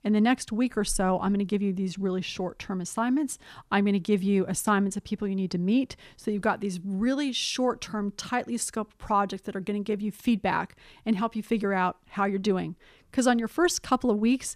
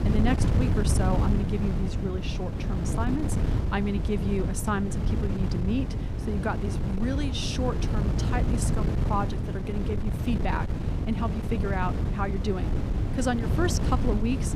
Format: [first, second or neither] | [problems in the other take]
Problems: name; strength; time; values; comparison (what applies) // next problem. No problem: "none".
first | wind noise on the microphone; heavy; 4 dB below the speech